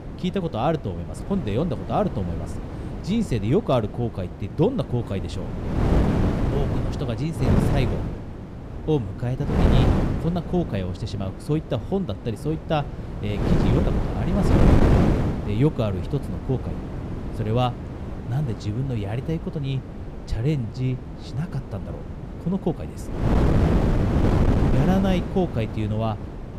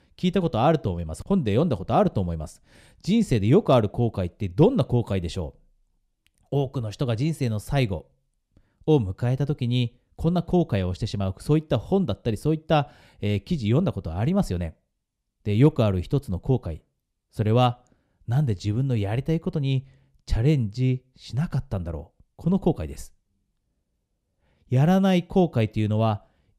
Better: second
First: wind noise on the microphone; heavy; 2 dB below the speech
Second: none

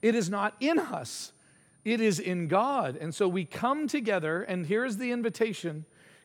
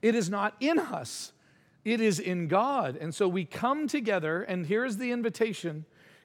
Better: second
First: high-pitched whine; faint; throughout; 9.5 kHz, 30 dB below the speech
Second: none

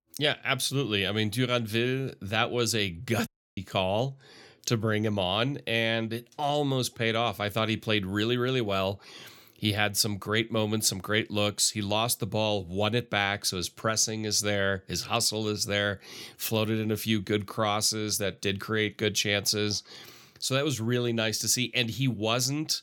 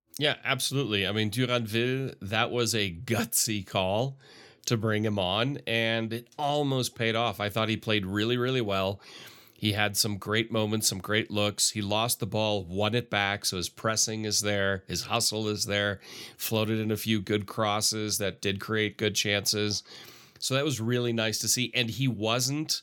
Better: second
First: audio cutting out; at 3.5 s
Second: none

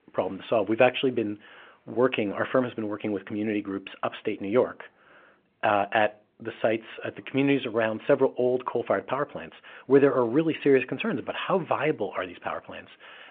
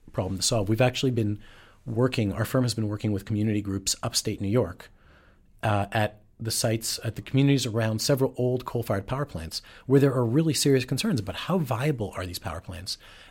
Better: second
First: phone-call audio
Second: none

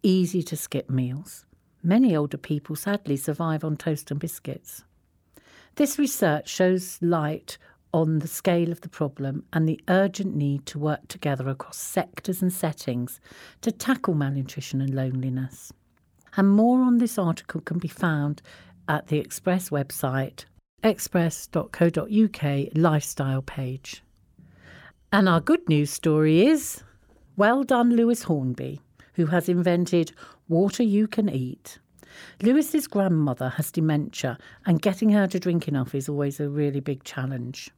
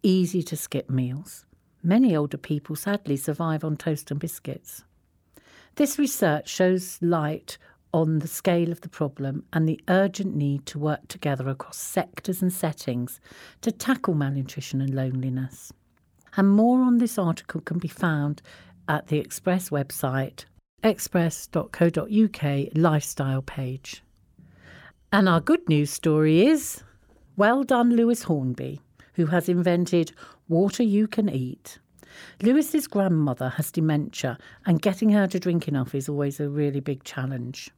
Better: neither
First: none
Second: none

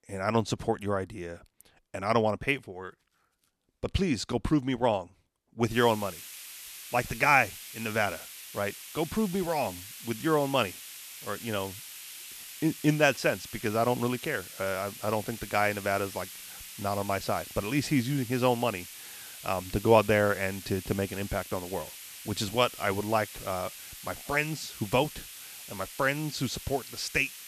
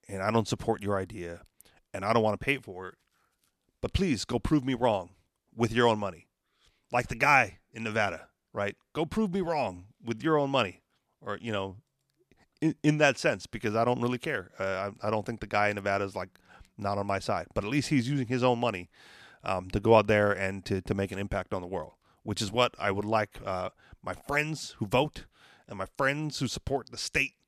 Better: second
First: hiss; noticeable; from 5.5 s on; 10 dB below the speech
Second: none

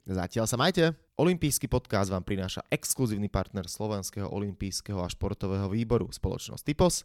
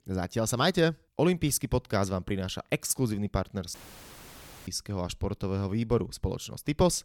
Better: first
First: none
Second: audio cutting out; filled with static; at 3.5 s for 1 s

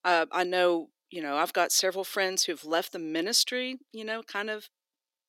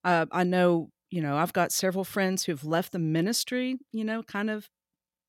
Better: second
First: thin; somewhat; fading below 300 Hz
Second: none

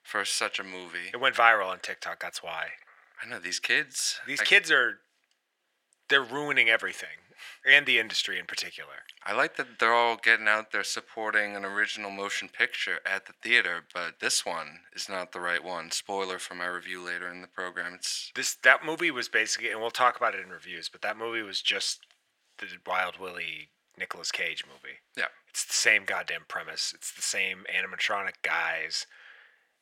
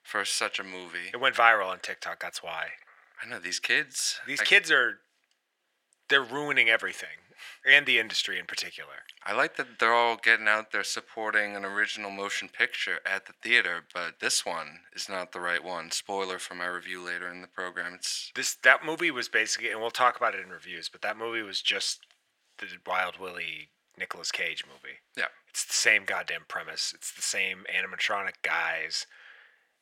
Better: neither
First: thin; very; fading below 700 Hz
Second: thin; very; fading below 700 Hz

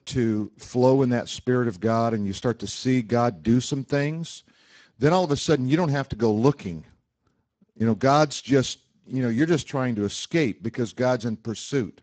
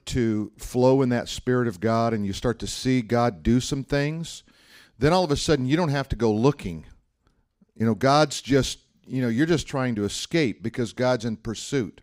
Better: second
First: garbled, watery; badly; nothing above 7.5 kHz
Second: none

